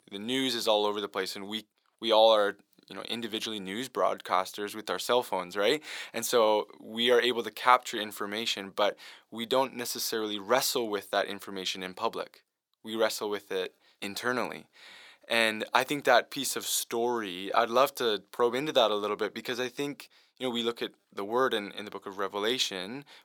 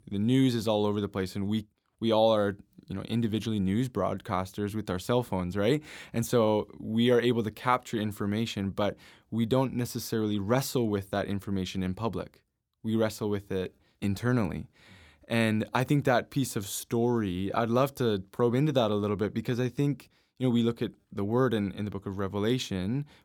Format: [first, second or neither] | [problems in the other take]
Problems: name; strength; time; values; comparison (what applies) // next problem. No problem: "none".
second | thin; somewhat; fading below 550 Hz